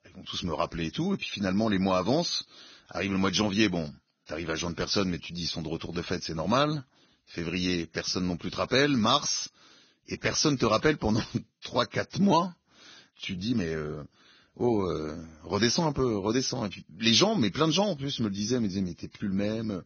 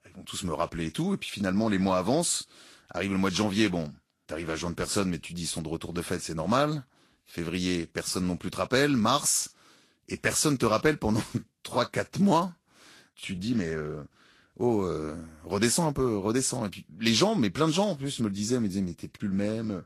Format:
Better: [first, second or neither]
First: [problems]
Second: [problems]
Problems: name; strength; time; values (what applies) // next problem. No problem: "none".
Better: second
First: garbled, watery; badly; nothing above 6.5 kHz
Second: garbled, watery; slightly; nothing above 12 kHz